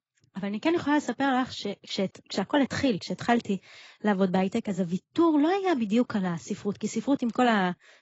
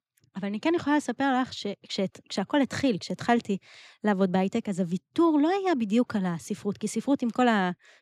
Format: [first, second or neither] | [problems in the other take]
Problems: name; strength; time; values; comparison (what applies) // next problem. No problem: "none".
second | garbled, watery; badly; nothing above 7.5 kHz